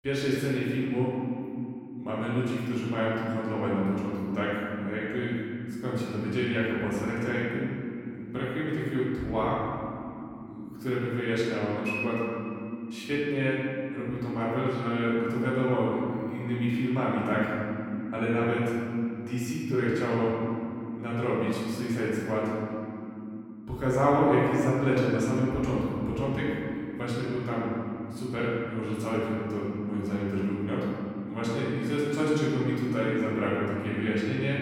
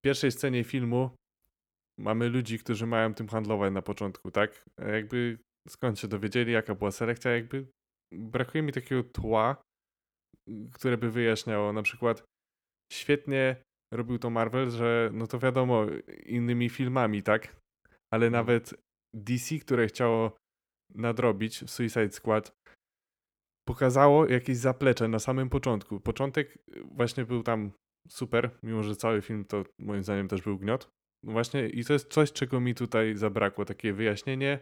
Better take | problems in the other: second | room echo; strong; dies away in 3 s // off-mic speech; far

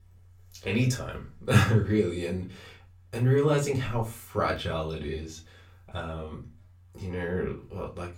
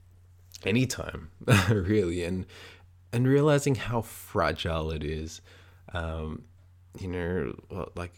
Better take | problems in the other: second | off-mic speech; far // room echo; very slight; dies away in 0.2 s

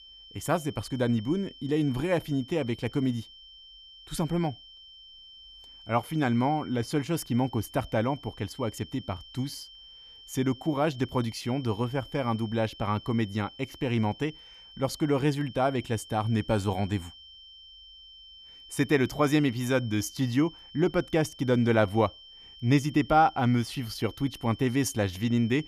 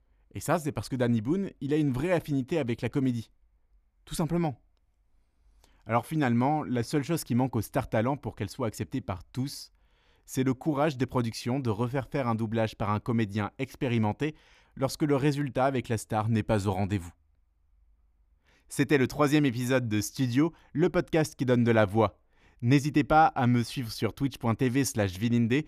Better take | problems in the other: second | high-pitched whine; noticeable; throughout; 3 kHz, 20 dB below the speech

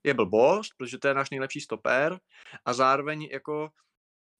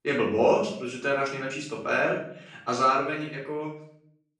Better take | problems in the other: first | off-mic speech; far // room echo; noticeable; dies away in 0.6 s

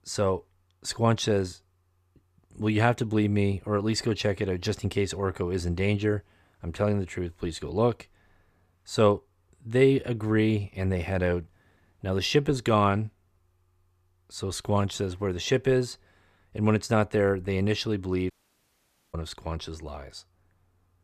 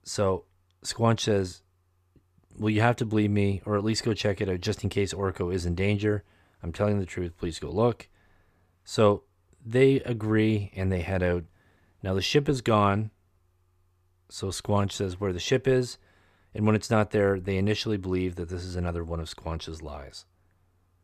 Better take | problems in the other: second | audio cutting out; at 18 s for 1 s

